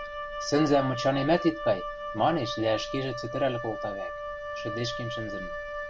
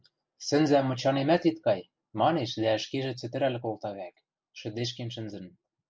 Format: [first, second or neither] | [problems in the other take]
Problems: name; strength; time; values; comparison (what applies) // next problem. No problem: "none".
second | background sound (Wind instrument, woodwind instrument); 7 dB below the speech